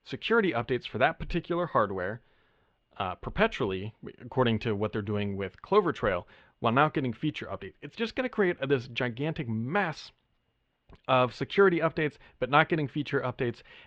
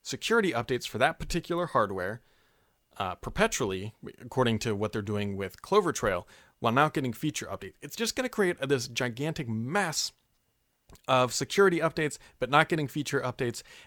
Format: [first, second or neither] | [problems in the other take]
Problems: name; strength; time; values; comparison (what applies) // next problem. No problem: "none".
second | muffled; very; fading above 3 kHz